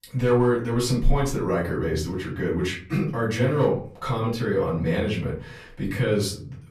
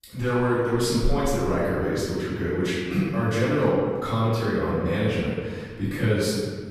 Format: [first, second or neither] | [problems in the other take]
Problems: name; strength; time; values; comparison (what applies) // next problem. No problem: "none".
first | room echo; strong; dies away in 1.5 s; slight in the first // off-mic speech; far; far in the first